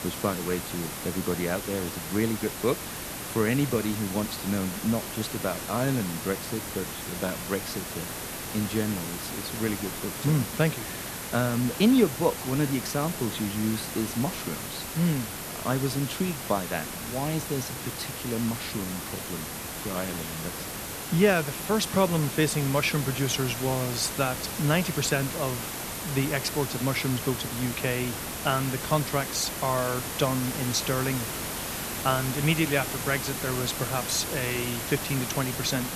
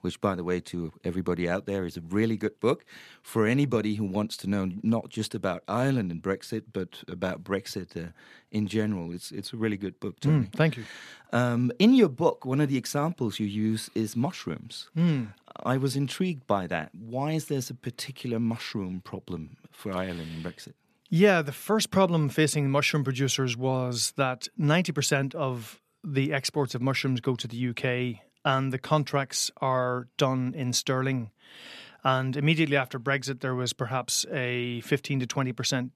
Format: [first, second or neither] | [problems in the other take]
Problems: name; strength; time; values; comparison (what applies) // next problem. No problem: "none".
second | hiss; loud; throughout; 5 dB below the speech